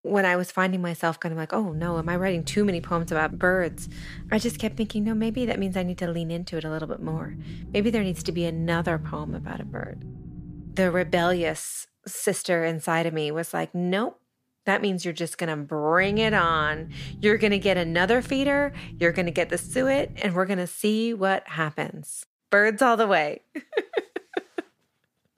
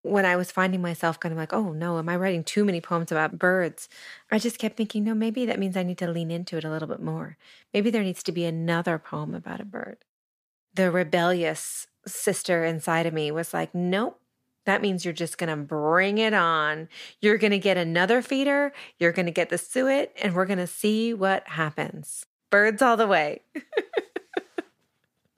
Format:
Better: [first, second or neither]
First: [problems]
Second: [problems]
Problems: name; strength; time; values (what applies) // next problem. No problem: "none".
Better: second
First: low rumble; faint; from 1.5 to 12 s and from 16 to 20 s; 25 dB below the speech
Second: none